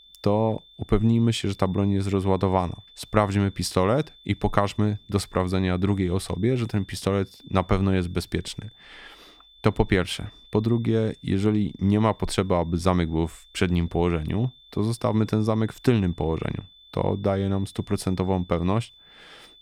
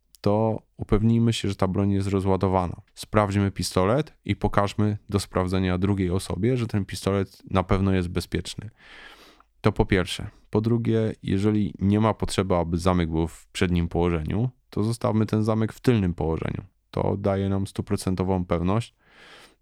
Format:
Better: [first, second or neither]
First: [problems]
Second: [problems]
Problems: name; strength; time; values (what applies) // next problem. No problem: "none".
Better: second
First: high-pitched whine; faint; throughout; 3.5 kHz, 25 dB below the speech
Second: none